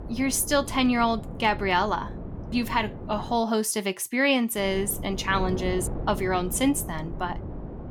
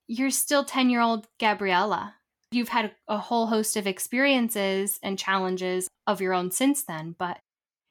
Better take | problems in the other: second | wind noise on the microphone; occasional gusts; until 3.5 s and from 4.5 s on; 15 dB below the speech

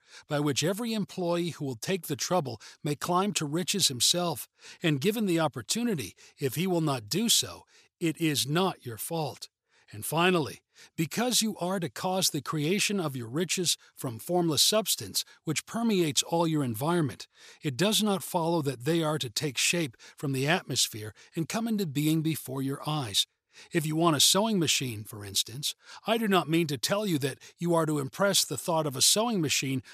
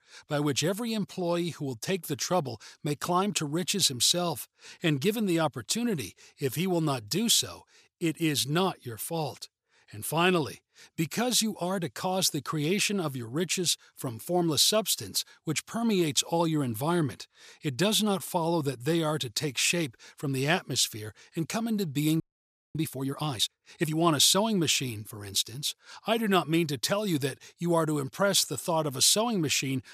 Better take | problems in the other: first | audio freezing; at 22 s for 0.5 s

